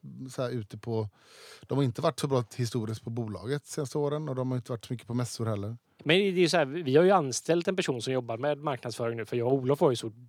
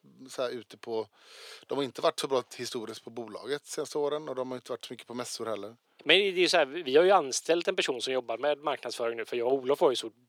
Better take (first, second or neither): first